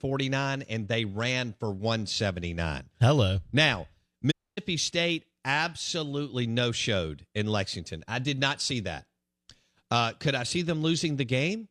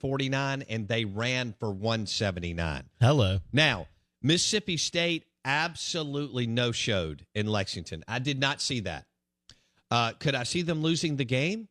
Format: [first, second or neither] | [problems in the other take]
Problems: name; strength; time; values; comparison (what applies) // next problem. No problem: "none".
second | audio cutting out; at 4.5 s